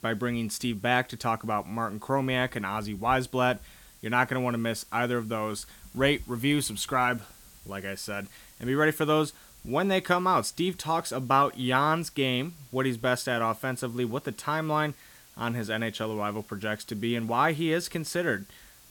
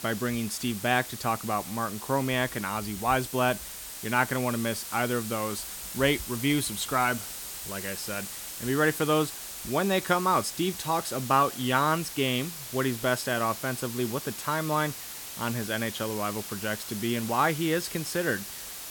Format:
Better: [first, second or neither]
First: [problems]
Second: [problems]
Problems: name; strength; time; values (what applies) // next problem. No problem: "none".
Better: first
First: hiss; faint; throughout; 25 dB below the speech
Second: hiss; loud; throughout; 8 dB below the speech